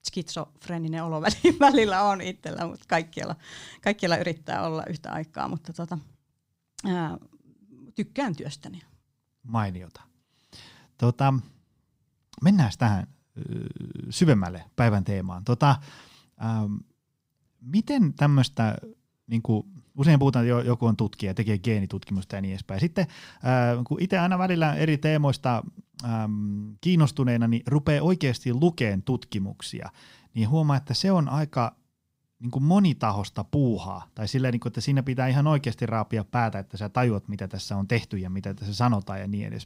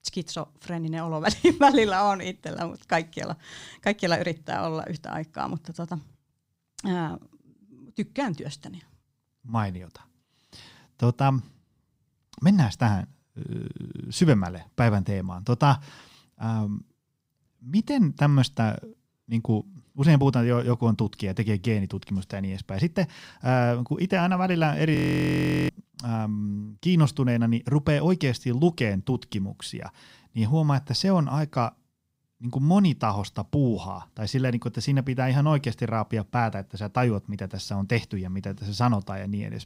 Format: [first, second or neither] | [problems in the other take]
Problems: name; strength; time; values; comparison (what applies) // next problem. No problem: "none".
first | audio freezing; at 25 s for 0.5 s